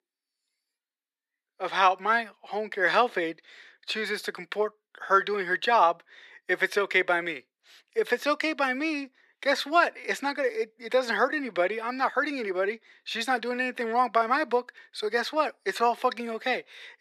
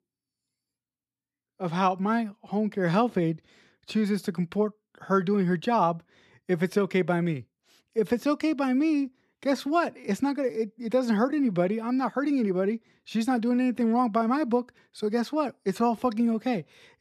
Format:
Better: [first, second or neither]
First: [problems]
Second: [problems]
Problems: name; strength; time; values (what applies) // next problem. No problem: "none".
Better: second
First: thin; very; fading below 400 Hz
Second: none